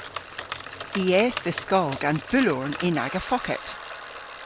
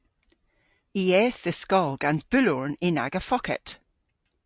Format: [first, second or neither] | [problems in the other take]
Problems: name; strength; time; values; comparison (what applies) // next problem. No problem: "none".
second | background sound (Bicycle); 10 dB below the speech